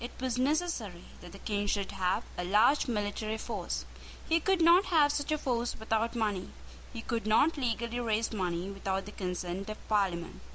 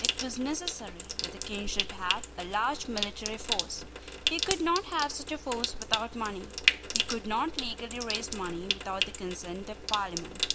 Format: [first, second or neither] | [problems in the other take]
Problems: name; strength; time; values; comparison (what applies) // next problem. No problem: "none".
first | background sound (Trickle, dribble / Sink (filling or washing) / Water tap, faucet); as loud as the speech